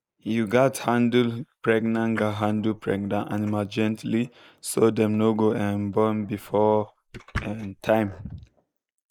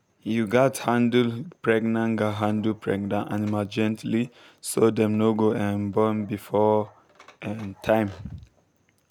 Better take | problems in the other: second | noise reduction (neural mask model Resemble Enhance denoiser)

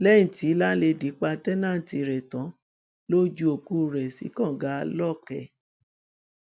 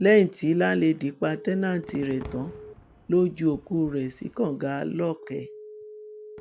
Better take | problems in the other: first | background sound (Fireworks + Telephone); 19 dB below the speech

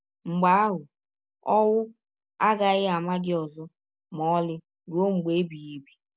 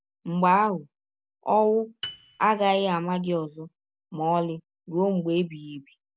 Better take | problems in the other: first | background sound (Piano); 18 dB below the speech

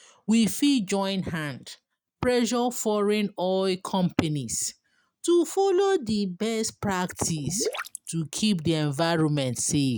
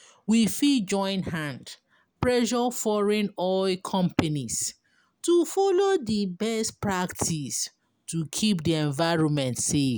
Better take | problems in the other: second | noise reduction (neural mask model RNNoise)

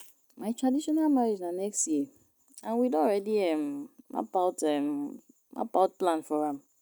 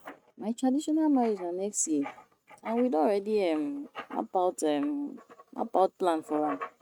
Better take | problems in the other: first | noise reduction (neural mask model RNNoise)

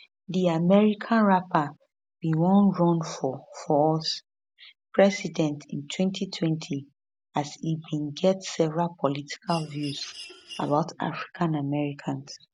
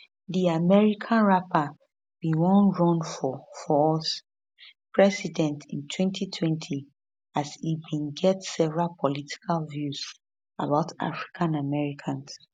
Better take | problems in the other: second | background sound (Mechanisms); 17 dB below the speech

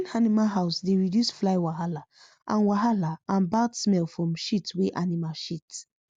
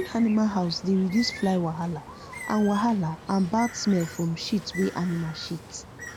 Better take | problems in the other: first | background sound (Bird); 15 dB below the speech

